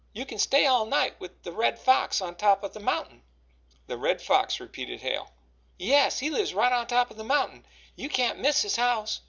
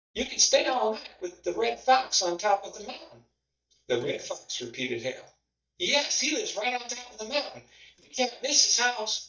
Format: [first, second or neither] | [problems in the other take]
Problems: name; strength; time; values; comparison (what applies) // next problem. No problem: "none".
first | noise reduction (neural mask model DeepFilterNet 3)